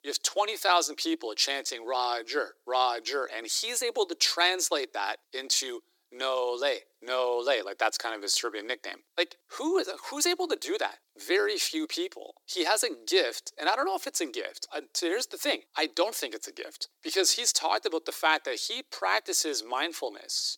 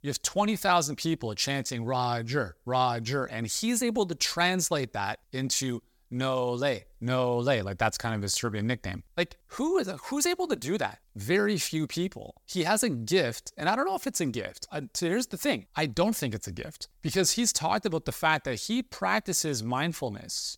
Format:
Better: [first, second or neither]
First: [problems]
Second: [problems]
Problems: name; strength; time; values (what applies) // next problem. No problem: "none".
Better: second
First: thin; very; fading below 300 Hz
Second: none